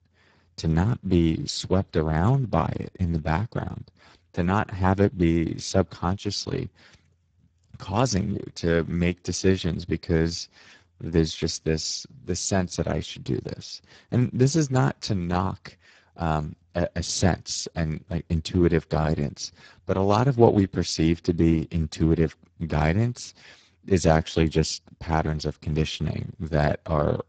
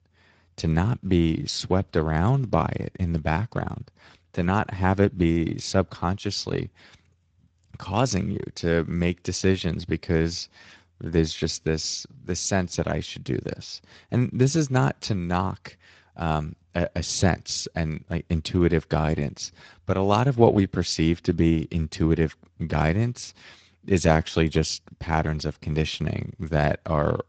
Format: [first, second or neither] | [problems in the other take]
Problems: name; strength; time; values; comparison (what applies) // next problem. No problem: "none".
second | garbled, watery; badly; nothing above 7.5 kHz; slightly in the second